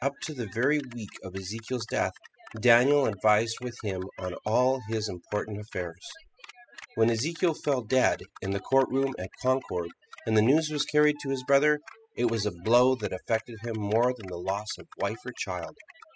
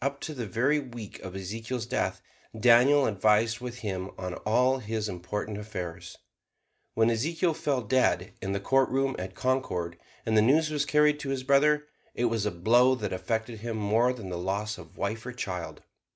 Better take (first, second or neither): second